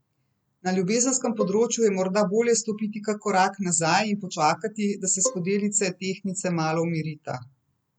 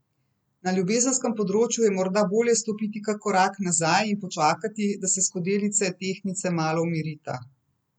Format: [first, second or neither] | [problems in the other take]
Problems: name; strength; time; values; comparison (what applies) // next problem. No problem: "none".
second | background sound (Bowed string instrument); 10 dB below the speech